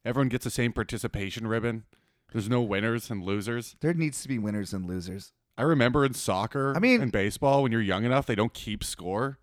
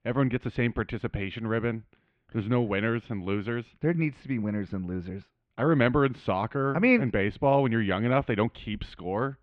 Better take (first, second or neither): first